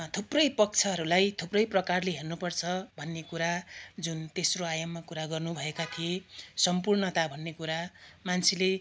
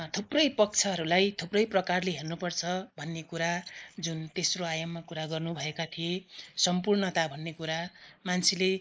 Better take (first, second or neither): first